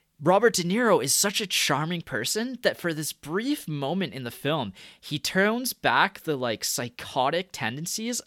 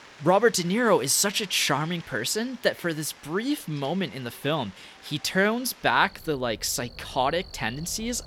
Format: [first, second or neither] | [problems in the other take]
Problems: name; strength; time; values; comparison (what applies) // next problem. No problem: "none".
first | animal sounds; faint; throughout; 20 dB below the speech